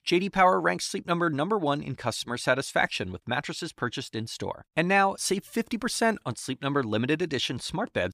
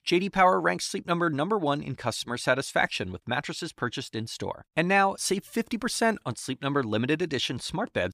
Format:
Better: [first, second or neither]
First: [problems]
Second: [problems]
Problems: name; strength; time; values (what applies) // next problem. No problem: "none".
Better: neither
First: none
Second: none